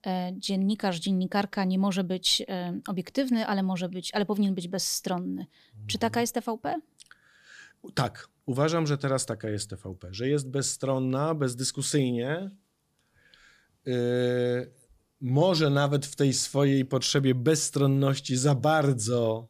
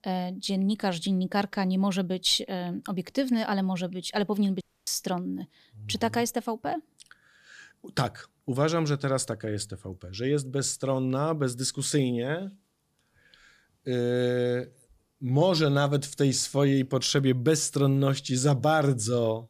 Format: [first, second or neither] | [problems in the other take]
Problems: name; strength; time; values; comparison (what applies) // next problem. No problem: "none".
first | audio cutting out; at 4.5 s